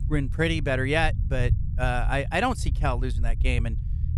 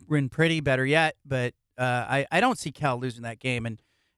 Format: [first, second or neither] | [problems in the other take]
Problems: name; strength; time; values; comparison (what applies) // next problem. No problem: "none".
second | low rumble; noticeable; throughout; 20 dB below the speech